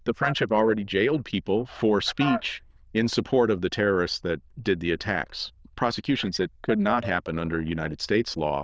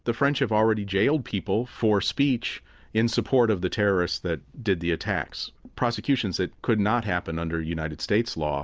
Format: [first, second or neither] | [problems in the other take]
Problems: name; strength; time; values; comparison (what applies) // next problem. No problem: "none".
second | noise reduction (neural diffusion model UNIVERSE++)